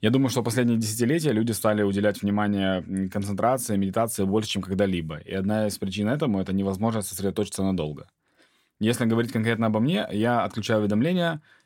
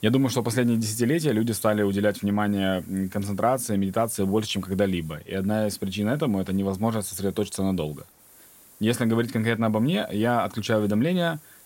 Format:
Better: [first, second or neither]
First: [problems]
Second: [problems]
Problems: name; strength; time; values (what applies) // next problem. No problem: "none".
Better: first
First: none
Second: hiss; faint; throughout; 25 dB below the speech